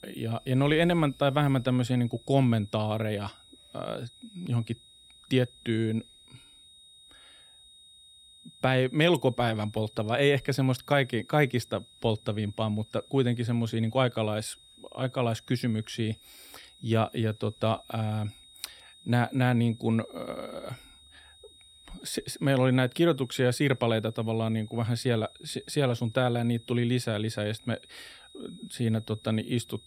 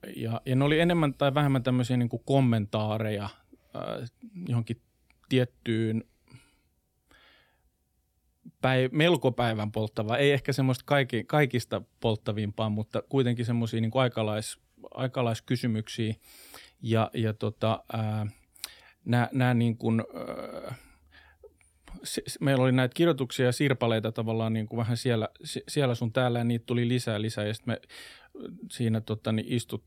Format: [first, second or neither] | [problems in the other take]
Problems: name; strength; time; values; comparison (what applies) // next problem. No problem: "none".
second | high-pitched whine; faint; throughout; 3.5 kHz, 25 dB below the speech